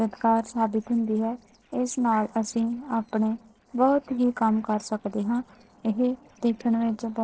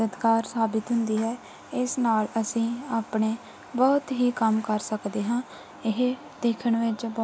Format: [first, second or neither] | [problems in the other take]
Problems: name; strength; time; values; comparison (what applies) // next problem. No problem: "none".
second | noise reduction (neural separator model SepFormer DNS4)